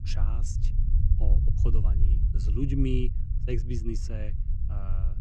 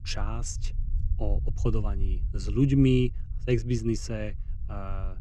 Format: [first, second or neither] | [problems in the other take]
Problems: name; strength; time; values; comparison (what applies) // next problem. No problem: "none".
second | low rumble; loud; throughout; 6 dB below the speech; faint in the second